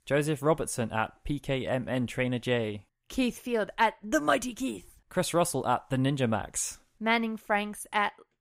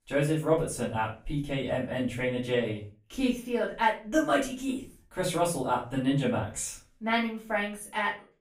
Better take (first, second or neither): first